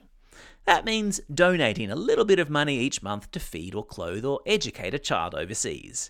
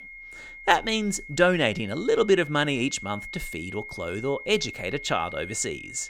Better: first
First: none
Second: high-pitched whine; noticeable; throughout; 2 kHz, 15 dB below the speech

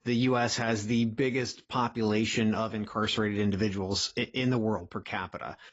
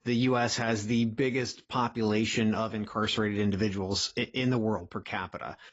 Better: neither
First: garbled, watery; badly; nothing above 7.5 kHz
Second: garbled, watery; badly; nothing above 7.5 kHz

